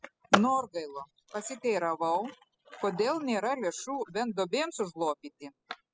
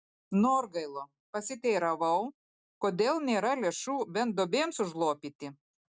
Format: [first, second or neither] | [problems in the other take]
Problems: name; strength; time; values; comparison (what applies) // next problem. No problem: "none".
second | noise reduction (classical method spectral subtraction)